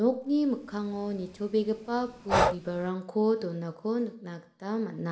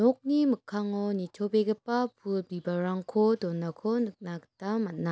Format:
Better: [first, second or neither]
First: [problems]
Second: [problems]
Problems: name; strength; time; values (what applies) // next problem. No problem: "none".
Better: second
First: background sound (Breathing); 3 dB below the speech // room echo; dies away in 0.6 s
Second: none